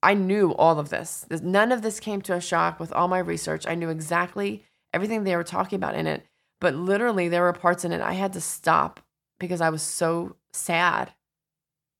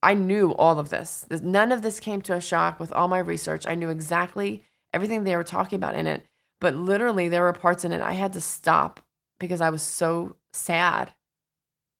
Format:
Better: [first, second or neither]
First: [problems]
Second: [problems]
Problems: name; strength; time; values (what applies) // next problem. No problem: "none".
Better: first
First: none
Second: garbled, watery; slightly; nothing above 17.5 kHz